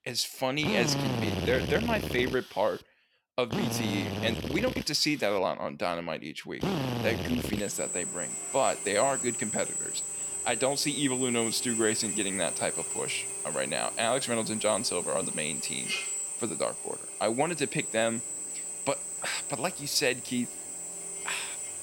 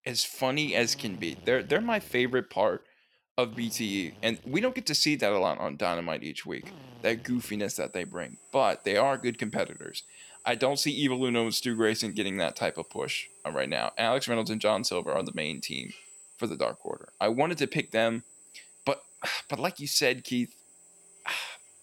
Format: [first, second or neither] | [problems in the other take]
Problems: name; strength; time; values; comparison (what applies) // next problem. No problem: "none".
second | machinery noise; loud; throughout; 2 dB below the speech; faint in the second